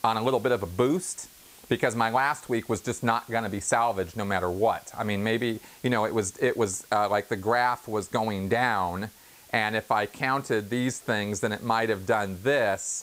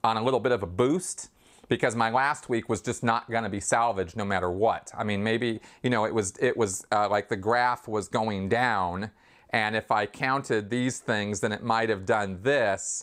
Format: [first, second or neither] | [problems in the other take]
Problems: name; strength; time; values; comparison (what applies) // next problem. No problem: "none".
second | hiss; faint; throughout; 25 dB below the speech